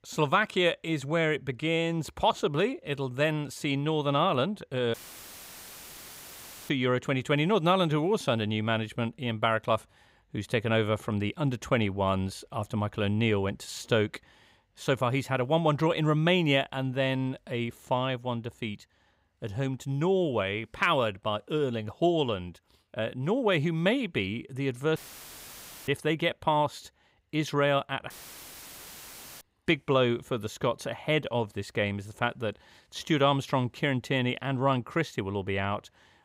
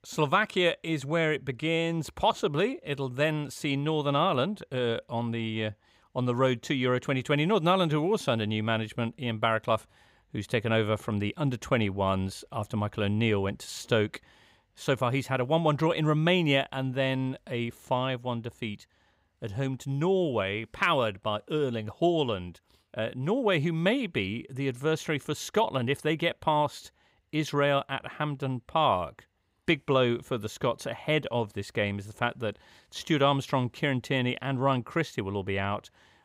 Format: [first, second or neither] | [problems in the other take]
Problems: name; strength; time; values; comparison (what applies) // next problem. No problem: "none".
second | audio cutting out; filled with static; at 5 s for 2 s, at 25 s for 1 s and at 28 s for 1.5 s